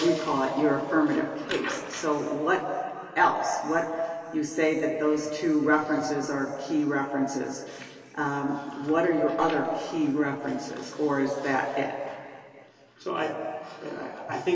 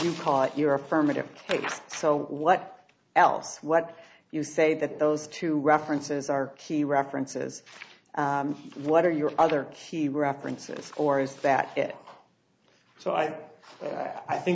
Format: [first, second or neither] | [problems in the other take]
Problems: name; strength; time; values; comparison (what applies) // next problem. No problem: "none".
second | room echo; dies away in 2.7 s